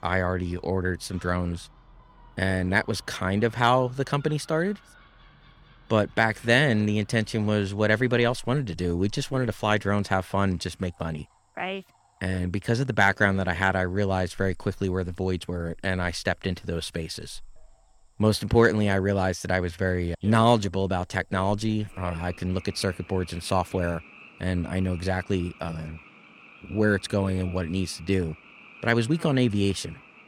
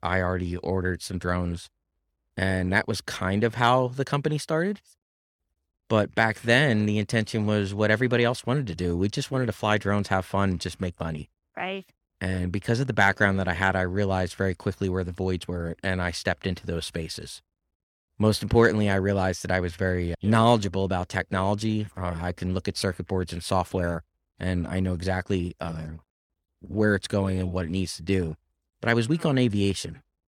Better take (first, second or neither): second